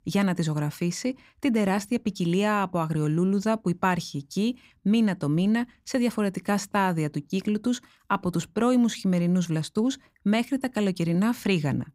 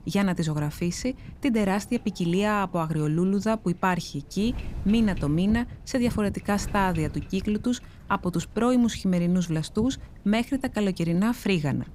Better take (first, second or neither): first